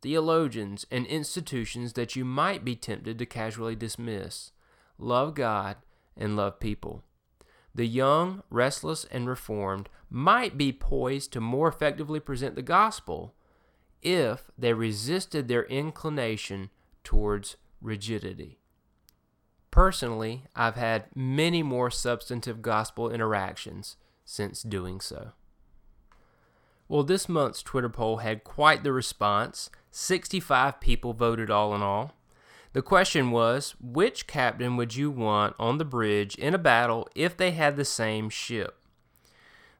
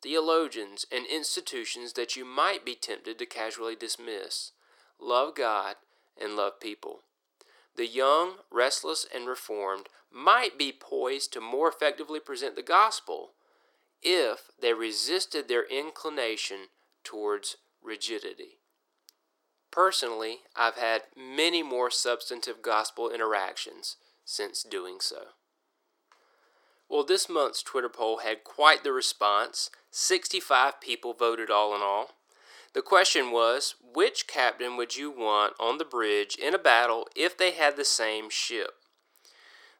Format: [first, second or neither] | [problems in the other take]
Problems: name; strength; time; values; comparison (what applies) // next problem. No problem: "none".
first | thin; very; fading below 350 Hz